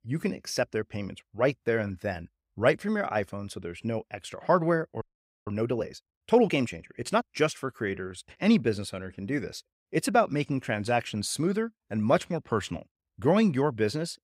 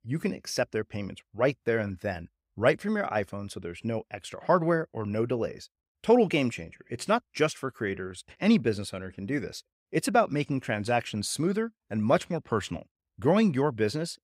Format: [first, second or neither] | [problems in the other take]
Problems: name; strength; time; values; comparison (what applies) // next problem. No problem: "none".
second | audio freezing; at 5 s